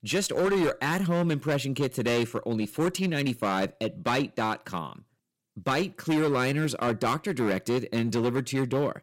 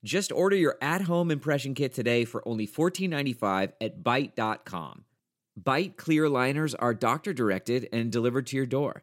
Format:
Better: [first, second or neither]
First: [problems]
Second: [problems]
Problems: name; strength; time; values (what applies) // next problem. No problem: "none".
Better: second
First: distortion; slight; 13% of the sound clipped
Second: none